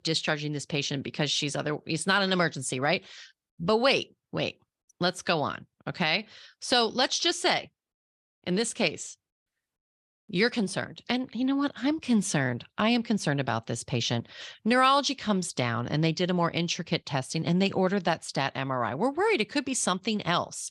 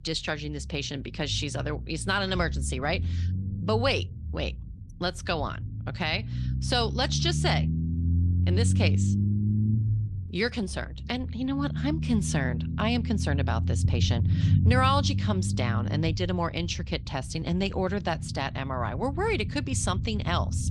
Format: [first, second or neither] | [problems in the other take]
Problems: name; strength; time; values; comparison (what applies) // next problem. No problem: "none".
first | low rumble; noticeable; throughout; 10 dB below the speech